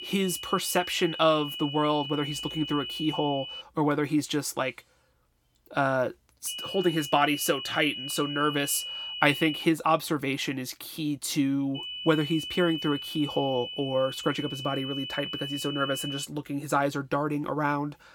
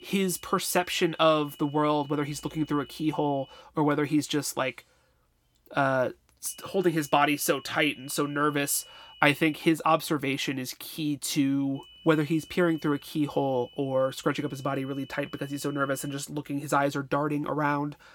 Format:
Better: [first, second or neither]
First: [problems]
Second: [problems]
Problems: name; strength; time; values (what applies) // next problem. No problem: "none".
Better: second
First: high-pitched whine; loud; until 3.5 s, from 6.5 to 9.5 s and from 12 to 16 s; 3 kHz, 7 dB below the speech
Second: high-pitched whine; faint; until 3.5 s, from 6.5 to 9.5 s and from 12 to 16 s; 3 kHz, 25 dB below the speech